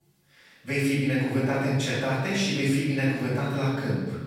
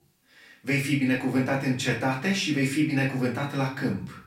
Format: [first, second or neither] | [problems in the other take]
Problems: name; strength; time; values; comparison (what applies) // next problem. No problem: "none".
second | room echo; strong; dies away in 1.3 s; slight in the second // off-mic speech; far; far in the second